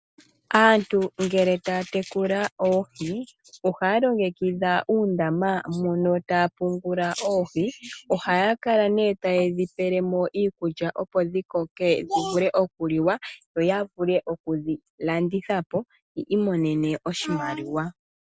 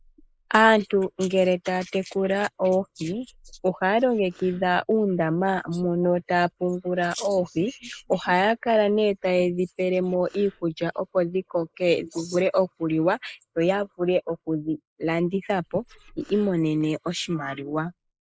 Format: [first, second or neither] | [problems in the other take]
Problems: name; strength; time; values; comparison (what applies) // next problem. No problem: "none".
first | noise reduction (neural mask model Resemble Enhance denoiser)